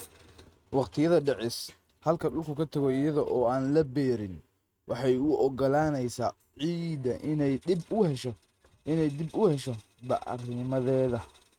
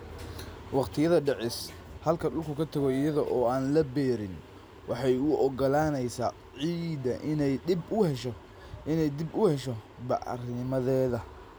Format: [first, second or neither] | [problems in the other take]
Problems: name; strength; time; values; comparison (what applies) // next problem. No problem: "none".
second | noise reduction (neural mask model RNNoise)